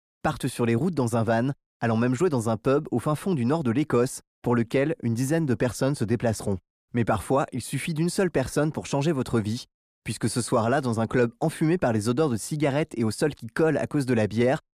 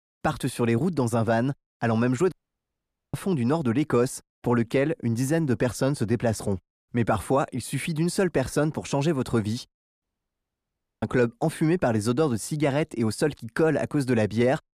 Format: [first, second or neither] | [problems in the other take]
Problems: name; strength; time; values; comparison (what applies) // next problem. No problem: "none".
first | audio cutting out; at 2.5 s for 1 s and at 10 s for 1 s